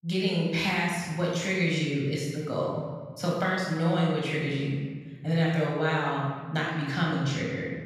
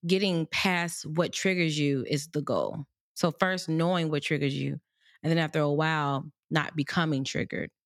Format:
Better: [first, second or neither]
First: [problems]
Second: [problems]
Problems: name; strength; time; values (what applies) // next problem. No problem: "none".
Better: second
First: off-mic speech; far // room echo; strong; dies away in 1.4 s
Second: none